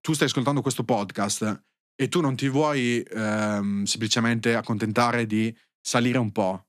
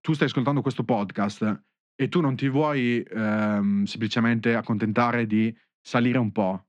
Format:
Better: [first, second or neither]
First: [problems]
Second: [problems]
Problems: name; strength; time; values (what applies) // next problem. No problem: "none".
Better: first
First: none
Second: muffled; slightly; fading above 2.5 kHz